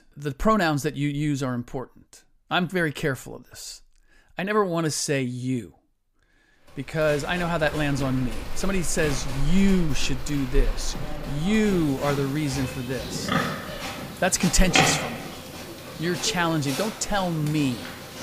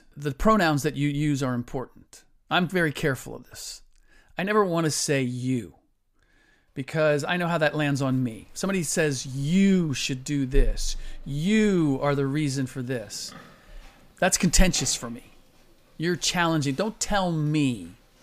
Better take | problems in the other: second | animal sounds; loud; from 7 s on; 6 dB below the speech; faint in the second

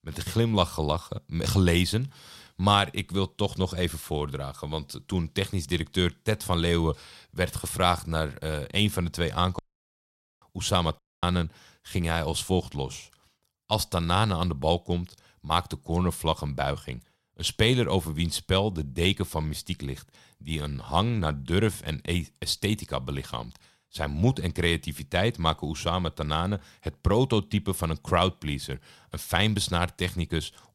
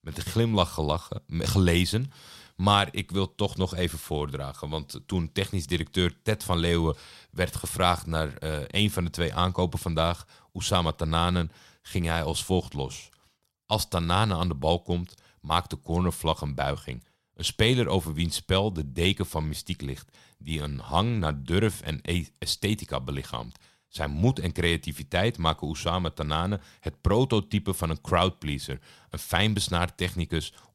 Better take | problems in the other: second | audio cutting out; at 9.5 s for 1 s and at 11 s

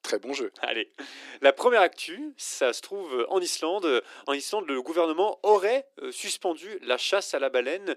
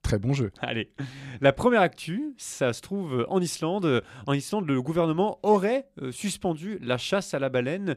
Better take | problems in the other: second | thin; very; fading below 300 Hz

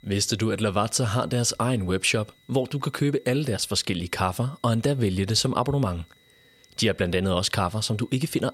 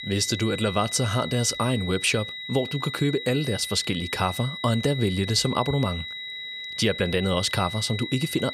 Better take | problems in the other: first | high-pitched whine; loud; throughout; 4 kHz, 8 dB below the speech; faint in the first

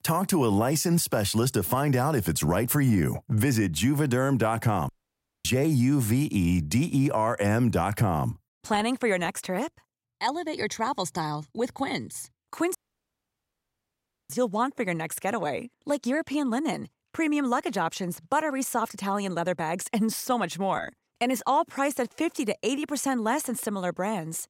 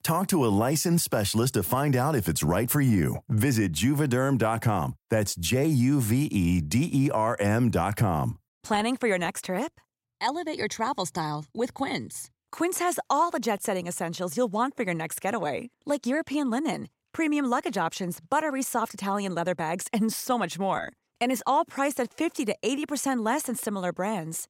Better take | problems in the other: second | audio cutting out; at 5 s for 0.5 s and at 13 s for 1.5 s

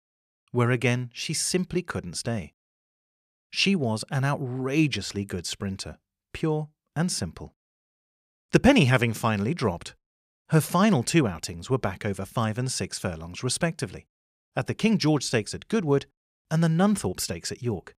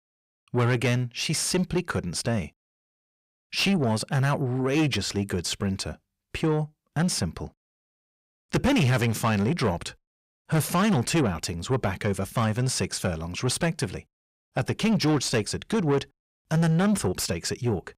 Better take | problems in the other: first | distortion; heavy; 7 dB below the speech

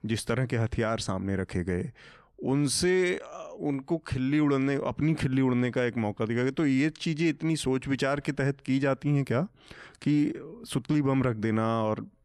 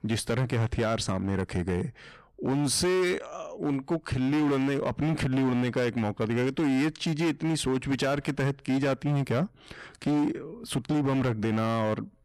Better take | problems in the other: first | distortion; slight; 17% of the sound clipped

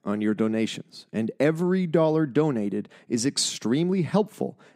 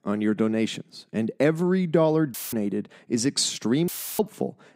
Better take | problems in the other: first | audio cutting out; filled with static; at 2.5 s and at 4 s

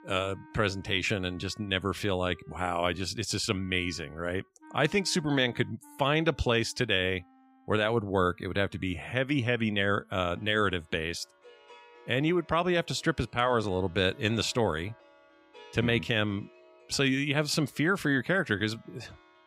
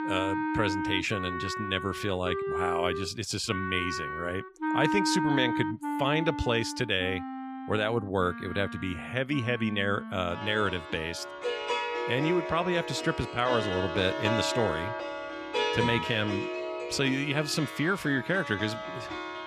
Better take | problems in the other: first | background music; loud; throughout; 4 dB below the speech; faint in the first

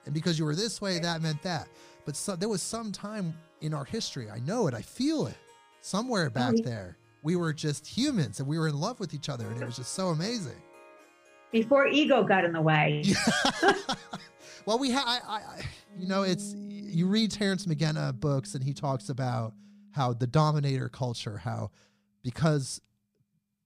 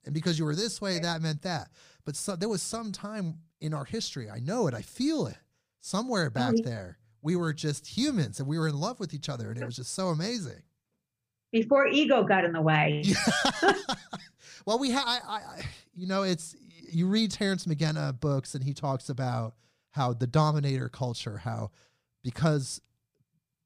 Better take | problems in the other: second | background music; noticeable; throughout; 20 dB below the speech

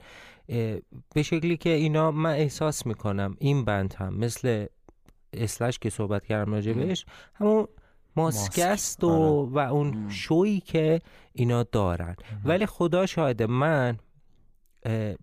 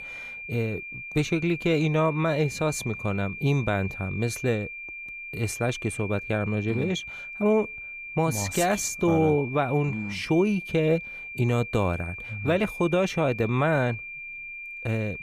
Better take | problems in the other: first | high-pitched whine; loud; throughout; 2.5 kHz, 10 dB below the speech

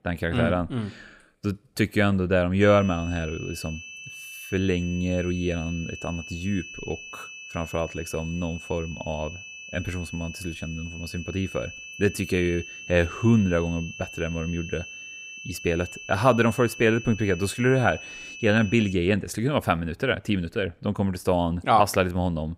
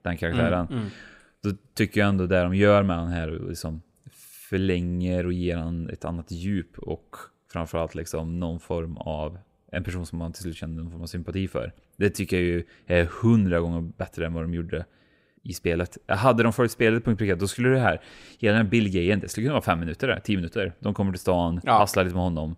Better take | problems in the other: second | high-pitched whine; noticeable; from 2.5 to 19 s; 2.5 kHz, 15 dB below the speech

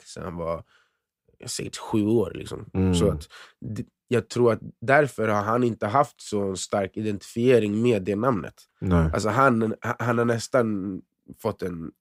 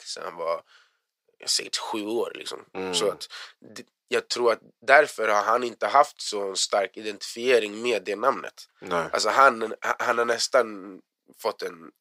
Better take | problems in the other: first | thin; very; fading below 600 Hz

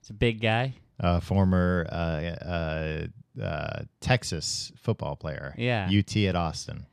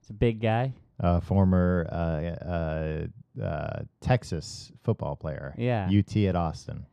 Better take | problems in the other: first | muffled; slightly; fading above 1.5 kHz

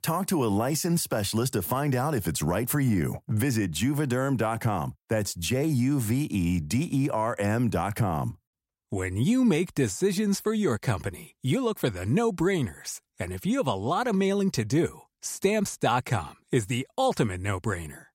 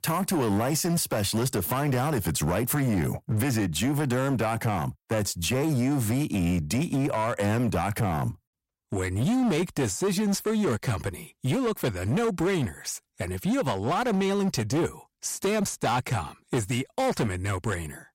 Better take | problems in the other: first | distortion; slight; 17% of the sound clipped

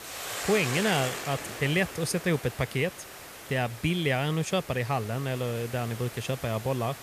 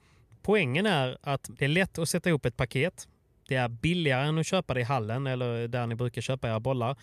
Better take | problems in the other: second | hiss; loud; throughout; 9 dB below the speech

